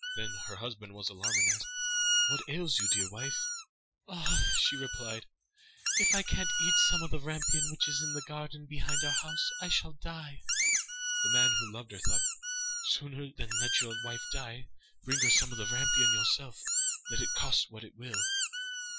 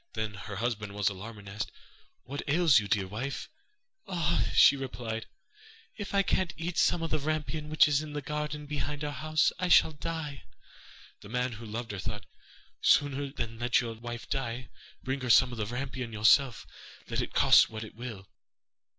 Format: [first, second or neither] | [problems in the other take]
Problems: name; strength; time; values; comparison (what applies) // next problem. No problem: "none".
second | noise reduction (classical method Wiener filter)